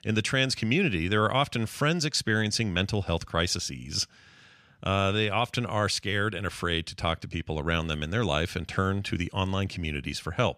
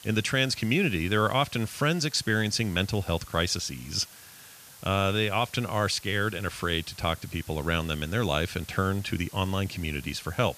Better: first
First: none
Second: hiss; noticeable; throughout; 20 dB below the speech

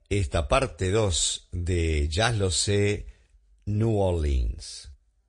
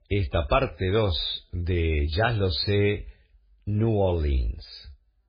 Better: first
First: garbled, watery; slightly; nothing above 9 kHz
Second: garbled, watery; badly; nothing above 5 kHz

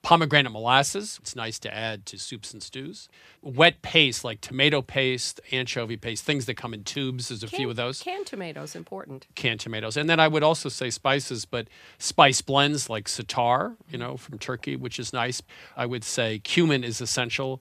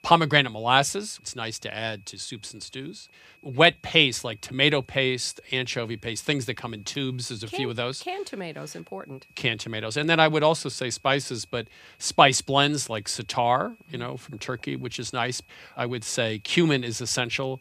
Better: first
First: none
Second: high-pitched whine; faint; throughout; 2.5 kHz, 30 dB below the speech

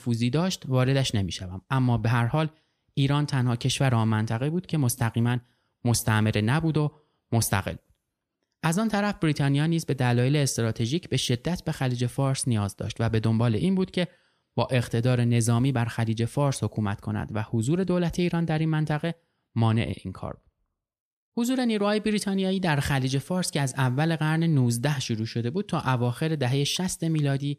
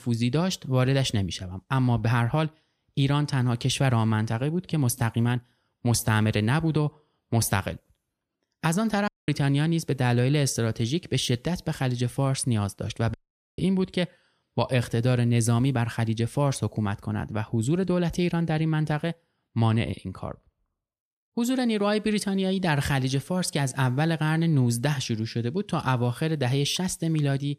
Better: first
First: none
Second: audio cutting out; at 9 s and at 13 s

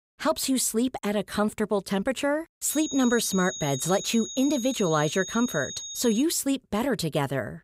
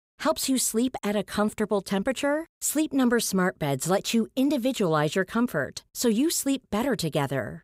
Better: second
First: high-pitched whine; loud; from 2.5 to 6 s; 6.5 kHz, 8 dB below the speech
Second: none

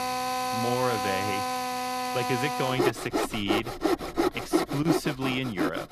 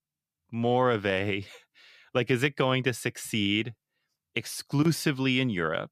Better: second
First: machinery noise; very loud; throughout; 2 dB above the speech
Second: none

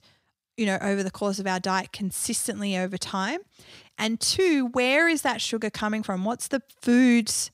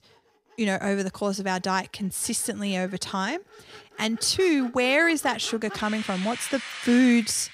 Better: first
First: none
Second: machinery noise; noticeable; throughout; 15 dB below the speech

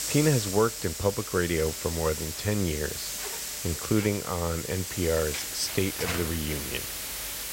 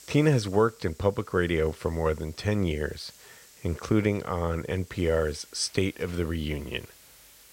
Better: second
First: hiss; loud; throughout; 3 dB below the speech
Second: hiss; faint; throughout; 25 dB below the speech

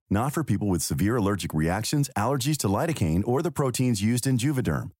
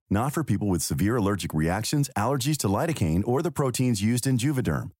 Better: neither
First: none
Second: none

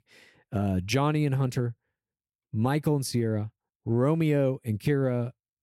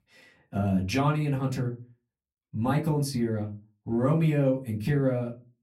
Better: first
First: none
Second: off-mic speech; far // room echo; very slight; dies away in 0.2 s

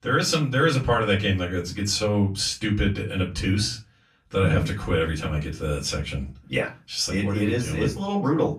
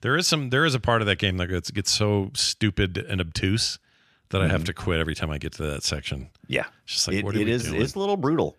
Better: second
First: off-mic speech; far // room echo; very slight; dies away in 0.2 s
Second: none

